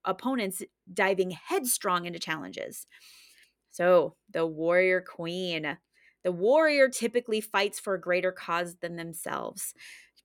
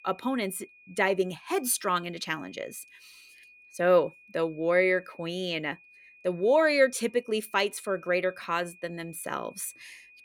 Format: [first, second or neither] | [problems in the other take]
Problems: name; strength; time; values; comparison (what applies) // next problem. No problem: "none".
first | high-pitched whine; faint; throughout; 2.5 kHz, 25 dB below the speech